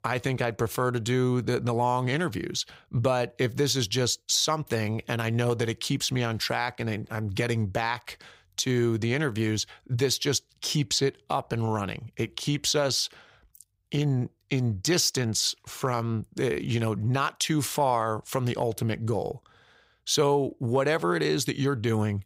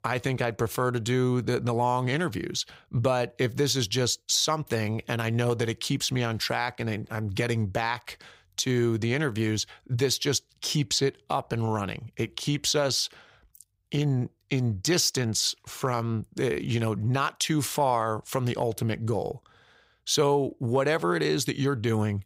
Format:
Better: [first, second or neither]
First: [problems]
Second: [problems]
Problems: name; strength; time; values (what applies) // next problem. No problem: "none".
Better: neither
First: none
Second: none